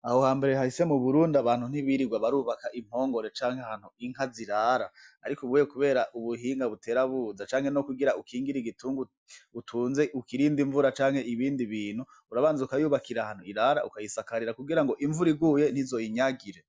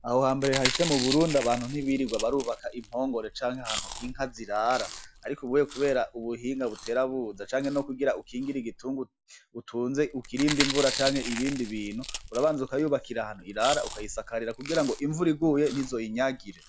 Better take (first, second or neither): first